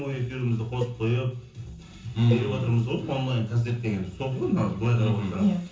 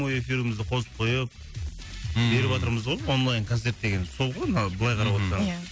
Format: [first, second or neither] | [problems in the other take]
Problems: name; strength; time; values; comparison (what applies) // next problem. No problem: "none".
second | background sound (Cowbell); 15 dB below the speech // room echo; dies away in 0.6 s